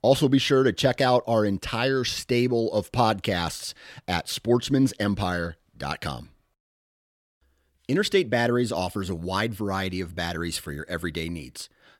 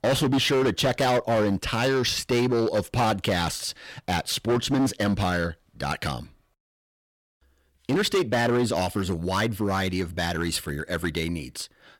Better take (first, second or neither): first